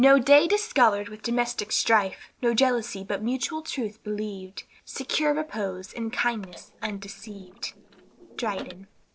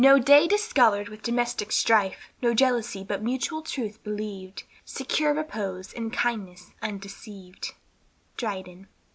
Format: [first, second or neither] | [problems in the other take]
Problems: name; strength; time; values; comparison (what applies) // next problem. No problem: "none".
second | noise reduction (neural separator model SepFormer DNS4)